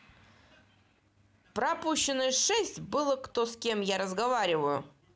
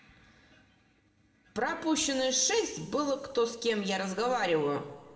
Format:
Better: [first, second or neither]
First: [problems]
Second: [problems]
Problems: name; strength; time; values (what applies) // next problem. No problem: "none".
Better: first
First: none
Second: room echo; dies away in 2.9 s